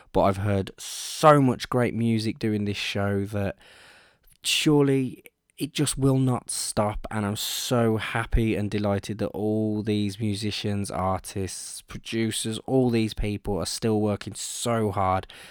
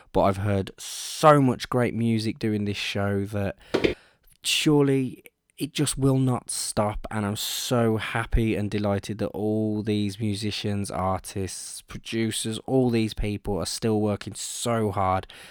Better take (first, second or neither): first